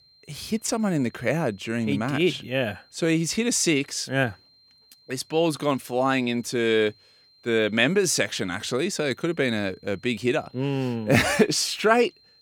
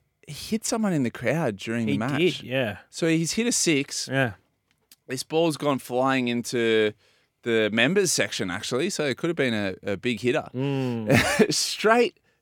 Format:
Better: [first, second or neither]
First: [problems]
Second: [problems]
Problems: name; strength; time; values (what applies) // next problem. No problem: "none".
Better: second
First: high-pitched whine; faint; throughout; 4 kHz, 30 dB below the speech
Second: none